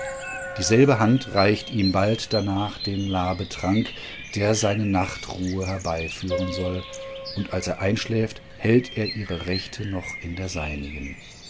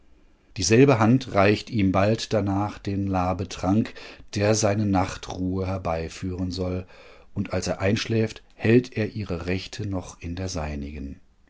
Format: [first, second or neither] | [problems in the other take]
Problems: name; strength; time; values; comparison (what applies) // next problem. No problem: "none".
second | background sound (Bird vocalization, bird call, bird song + Piano); 11 dB below the speech